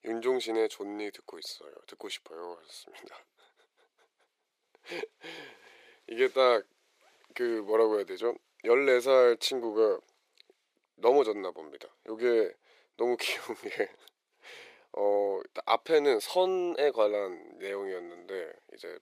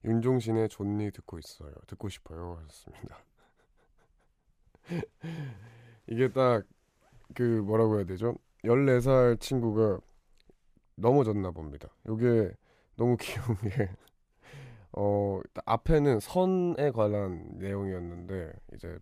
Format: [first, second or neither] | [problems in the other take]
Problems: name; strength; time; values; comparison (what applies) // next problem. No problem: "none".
second | thin; very; fading below 400 Hz